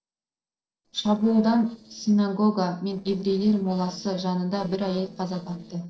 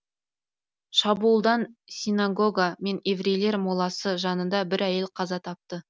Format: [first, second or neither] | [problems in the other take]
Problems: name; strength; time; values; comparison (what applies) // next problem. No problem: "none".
second | noise reduction (neural separator model SepFormer DNS4)